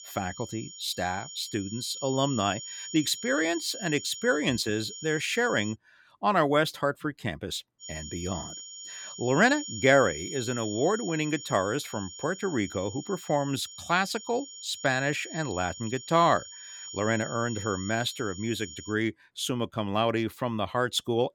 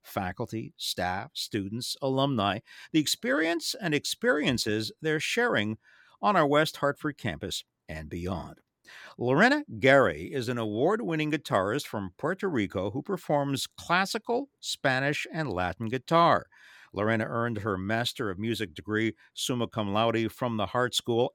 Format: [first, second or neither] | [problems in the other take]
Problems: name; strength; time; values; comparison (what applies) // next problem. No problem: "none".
second | high-pitched whine; noticeable; until 5.5 s and from 8 to 19 s; 7 kHz, 10 dB below the speech